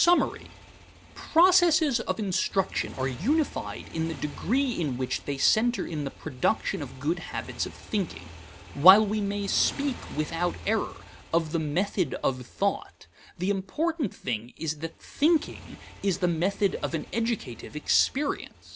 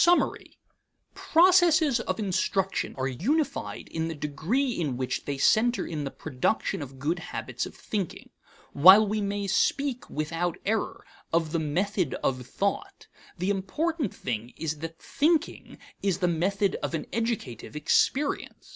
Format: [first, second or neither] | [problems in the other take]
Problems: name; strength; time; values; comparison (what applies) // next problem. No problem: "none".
second | background sound (Motorcycle); 18 dB below the speech